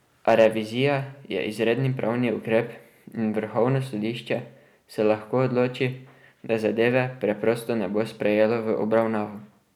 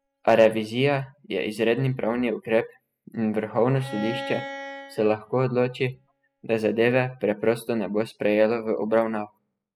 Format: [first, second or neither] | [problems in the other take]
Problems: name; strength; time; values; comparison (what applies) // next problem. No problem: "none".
first | noise reduction (classical method spectral subtraction)